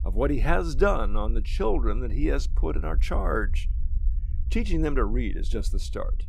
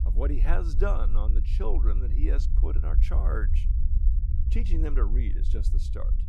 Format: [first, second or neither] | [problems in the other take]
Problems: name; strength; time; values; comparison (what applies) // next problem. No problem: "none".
first | low rumble; loud; throughout; 9 dB below the speech; faint in the first